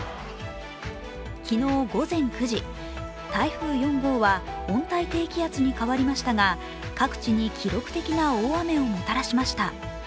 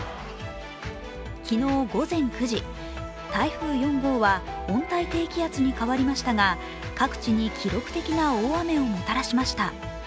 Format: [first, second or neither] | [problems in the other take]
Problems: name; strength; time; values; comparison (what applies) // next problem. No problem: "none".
first | background sound (Electric guitar); 18 dB below the speech